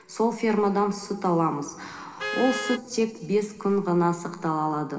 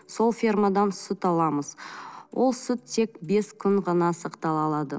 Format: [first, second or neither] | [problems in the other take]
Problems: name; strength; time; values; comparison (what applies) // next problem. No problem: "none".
second | background sound (Vehicle horn, car horn, honking); 12 dB below the speech // room echo; dies away in 2.1 s